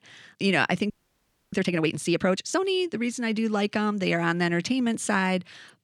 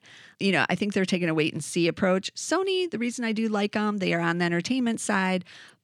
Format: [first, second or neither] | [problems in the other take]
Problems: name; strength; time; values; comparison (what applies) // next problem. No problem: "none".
second | audio freezing; at 1 s for 0.5 s